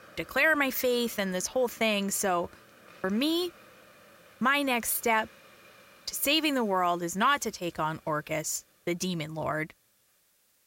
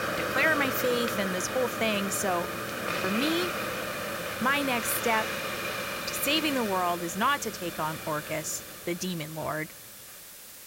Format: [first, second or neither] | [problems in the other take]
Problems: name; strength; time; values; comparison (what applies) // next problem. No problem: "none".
first | hiss; loud; throughout; 3 dB below the speech; faint in the first